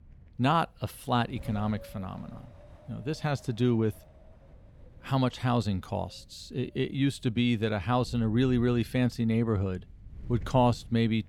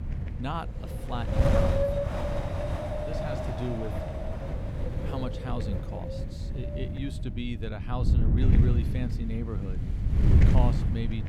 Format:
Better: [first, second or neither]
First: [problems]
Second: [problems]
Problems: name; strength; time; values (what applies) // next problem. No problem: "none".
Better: first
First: wind noise on the microphone; occasional gusts; 25 dB below the speech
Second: wind noise on the microphone; heavy; 4 dB above the speech